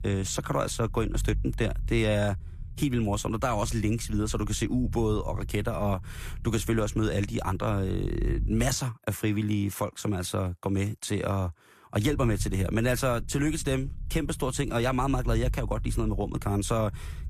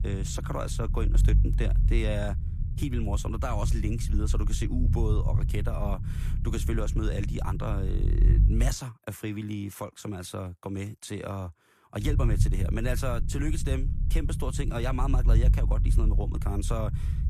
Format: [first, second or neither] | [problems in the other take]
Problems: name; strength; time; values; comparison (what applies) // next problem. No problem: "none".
first | low rumble; loud; until 8.5 s and from 12 s on; 8 dB below the speech; faint in the first